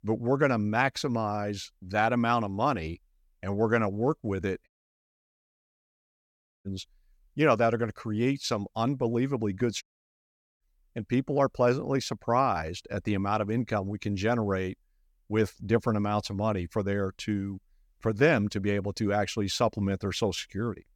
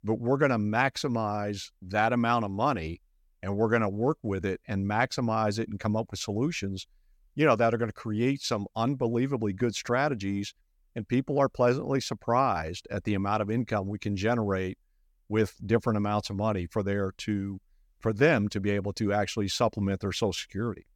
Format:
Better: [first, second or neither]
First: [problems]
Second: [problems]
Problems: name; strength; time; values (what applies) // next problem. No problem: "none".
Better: second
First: audio cutting out; at 4.5 s for 2 s and at 10 s for 1 s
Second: none